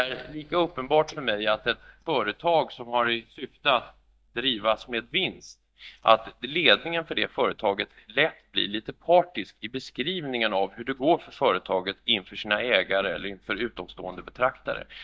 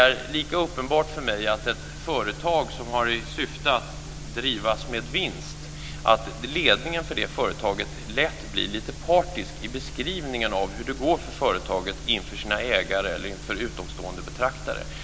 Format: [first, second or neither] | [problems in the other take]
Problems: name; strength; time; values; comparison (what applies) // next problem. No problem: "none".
second | noise reduction (neural mask model DeepFilterNet 3)